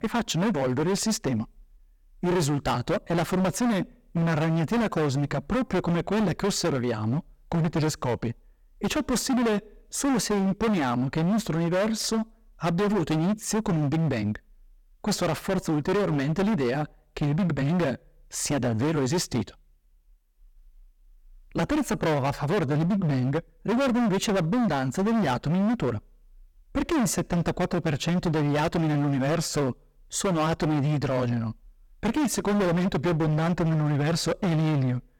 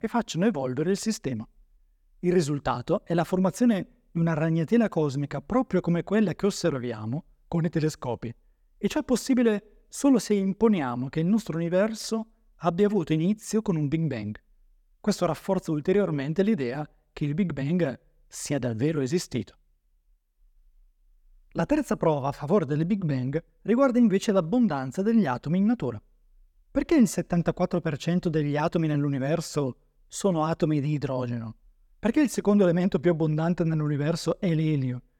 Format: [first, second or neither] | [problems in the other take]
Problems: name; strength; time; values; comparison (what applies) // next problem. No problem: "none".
second | distortion; heavy; 26% of the sound clipped